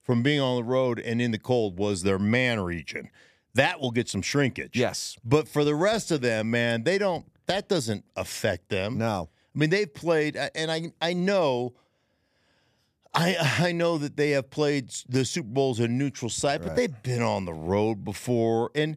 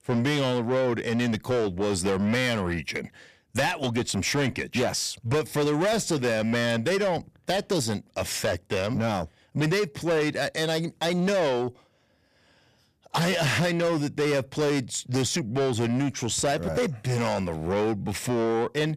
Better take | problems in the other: first | distortion; heavy; 8 dB below the speech

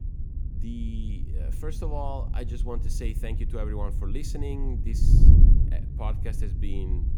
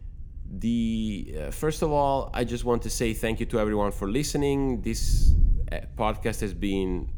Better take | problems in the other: second | wind noise on the microphone; heavy; 3 dB below the speech; occasional gusts in the second

